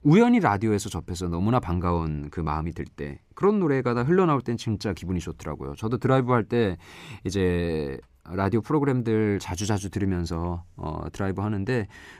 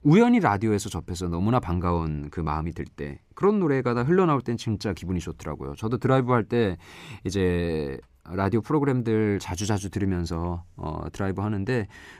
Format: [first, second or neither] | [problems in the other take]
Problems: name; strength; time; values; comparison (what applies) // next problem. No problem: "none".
neither | none